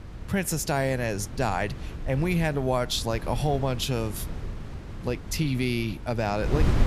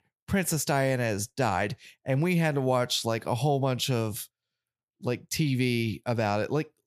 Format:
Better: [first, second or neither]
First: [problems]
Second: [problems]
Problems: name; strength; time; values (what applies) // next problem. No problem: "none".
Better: second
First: wind noise on the microphone; occasional gusts; 15 dB below the speech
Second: none